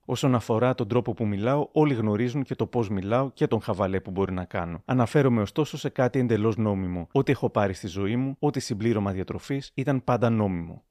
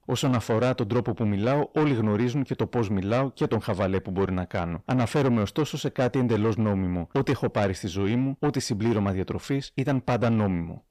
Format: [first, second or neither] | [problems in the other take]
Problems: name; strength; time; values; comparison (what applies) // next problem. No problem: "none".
first | distortion; slight; 10 dB below the speech